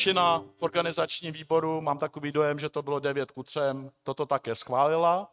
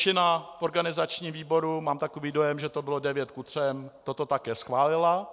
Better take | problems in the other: second | noise reduction (neural mask model RNNoise)

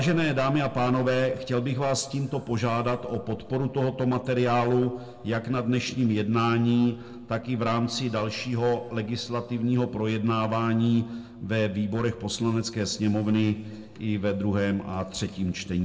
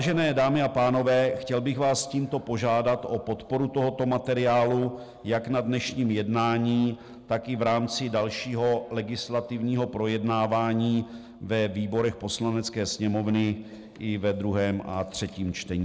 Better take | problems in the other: second | room echo; dies away in 0.8 s

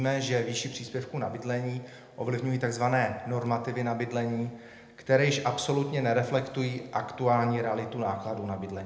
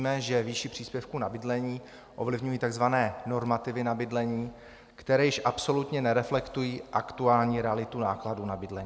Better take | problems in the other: second | room echo; dies away in 0.7 s

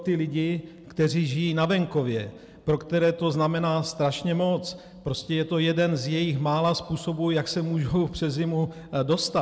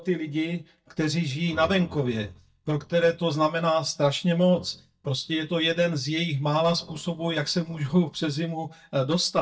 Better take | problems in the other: first | noise reduction (neural mask model DeepFilterNet 3)

